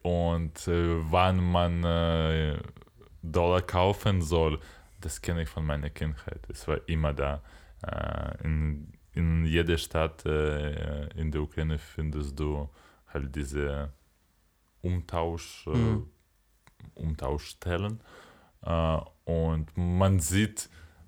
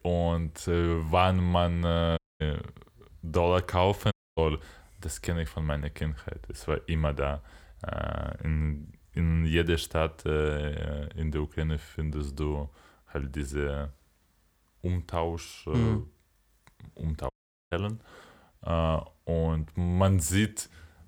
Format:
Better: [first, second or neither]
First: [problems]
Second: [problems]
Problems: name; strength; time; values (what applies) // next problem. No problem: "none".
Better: first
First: none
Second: audio cutting out; at 2 s, at 4 s and at 17 s